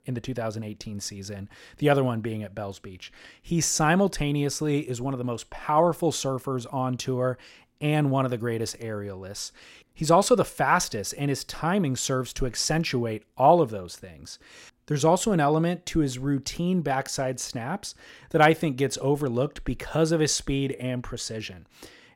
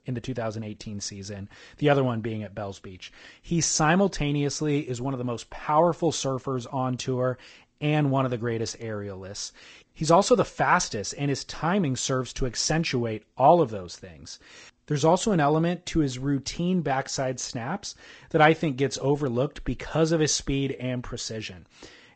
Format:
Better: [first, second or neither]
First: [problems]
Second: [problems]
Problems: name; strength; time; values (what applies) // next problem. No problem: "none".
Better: first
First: none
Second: garbled, watery; slightly; nothing above 7.5 kHz